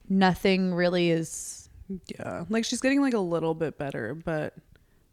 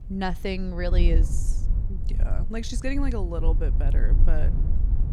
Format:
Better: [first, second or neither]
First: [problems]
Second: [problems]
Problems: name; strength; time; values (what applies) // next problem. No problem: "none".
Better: first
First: none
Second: low rumble; noticeable; throughout; 10 dB below the speech